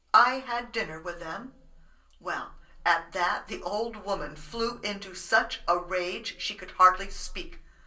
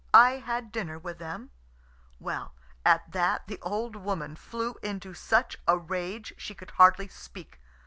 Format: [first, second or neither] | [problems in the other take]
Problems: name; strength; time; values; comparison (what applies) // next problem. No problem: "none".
second | room echo; dies away in 0.3 s